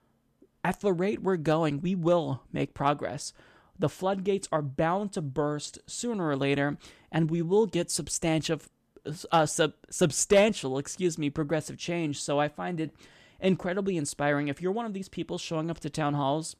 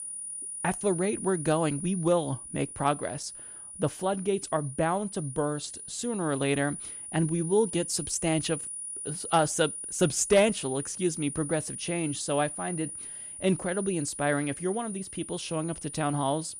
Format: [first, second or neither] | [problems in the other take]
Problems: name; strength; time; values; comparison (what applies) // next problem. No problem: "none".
first | high-pitched whine; loud; throughout; 9.5 kHz, 8 dB below the speech